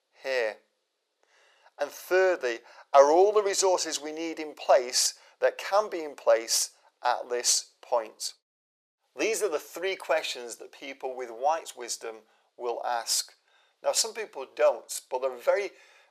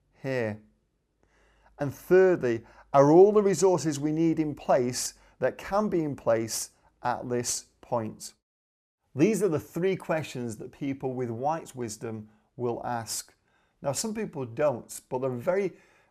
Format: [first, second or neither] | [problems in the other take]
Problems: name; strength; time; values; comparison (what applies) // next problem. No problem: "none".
second | thin; very; fading below 500 Hz